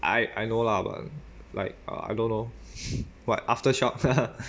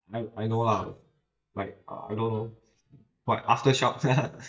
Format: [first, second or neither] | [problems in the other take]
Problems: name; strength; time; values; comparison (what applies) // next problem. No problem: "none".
first | noise reduction (neural mask model DeepFilterNet 3)